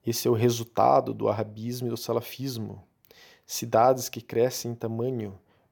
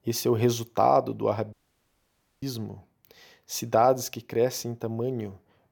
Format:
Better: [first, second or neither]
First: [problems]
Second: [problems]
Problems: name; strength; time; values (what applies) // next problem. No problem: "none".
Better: first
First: none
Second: audio cutting out; at 1.5 s for 1 s